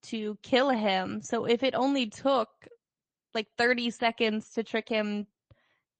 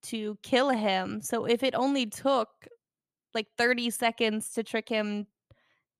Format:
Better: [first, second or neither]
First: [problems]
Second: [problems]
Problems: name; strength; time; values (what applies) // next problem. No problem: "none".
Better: second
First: garbled, watery; slightly; nothing above 8 kHz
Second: none